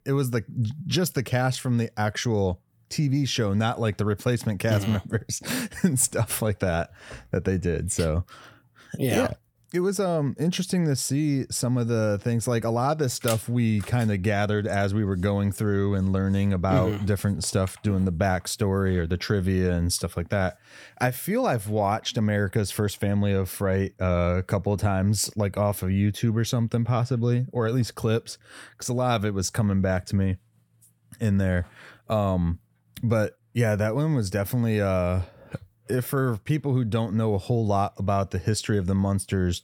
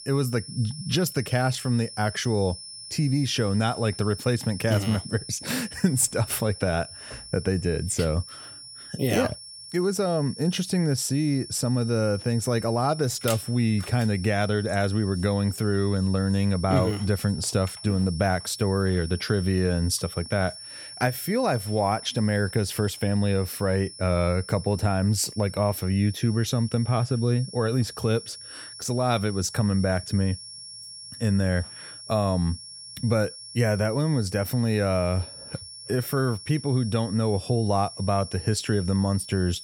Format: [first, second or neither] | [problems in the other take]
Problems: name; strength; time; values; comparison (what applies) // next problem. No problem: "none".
first | high-pitched whine; noticeable; throughout; 5.5 kHz, 15 dB below the speech